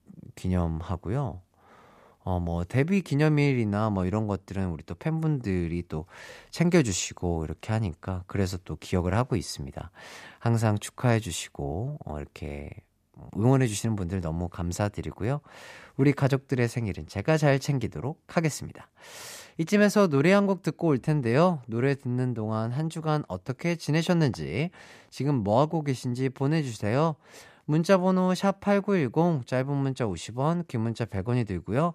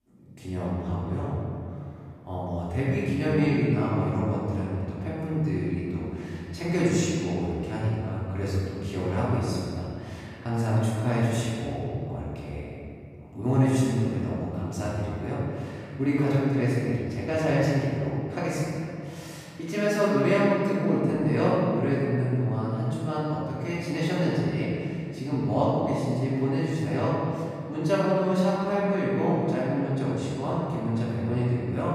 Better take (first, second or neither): first